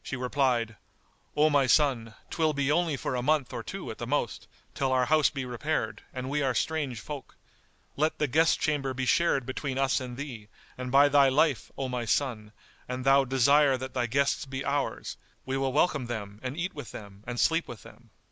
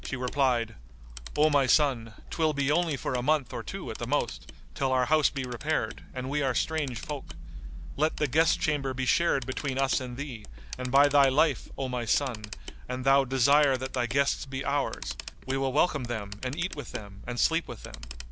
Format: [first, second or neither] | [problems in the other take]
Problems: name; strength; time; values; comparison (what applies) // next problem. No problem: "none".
first | background sound (Camera); 11 dB below the speech